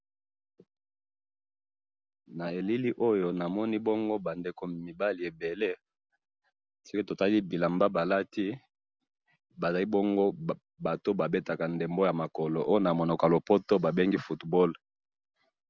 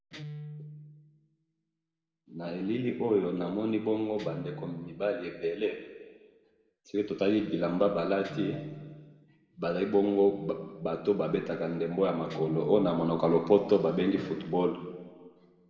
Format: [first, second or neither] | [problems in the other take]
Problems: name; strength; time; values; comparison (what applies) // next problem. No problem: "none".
first | background sound (Guitar); 19 dB below the speech // room echo; dies away in 1.4 s